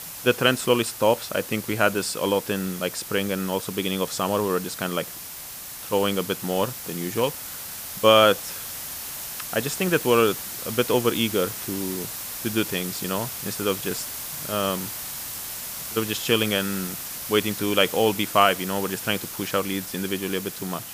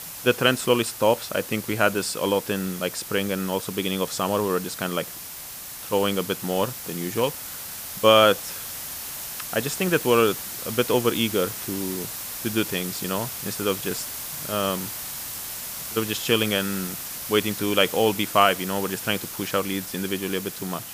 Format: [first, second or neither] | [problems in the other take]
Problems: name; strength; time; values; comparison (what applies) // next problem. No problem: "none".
neither | hiss; loud; throughout; 8 dB below the speech; the same in both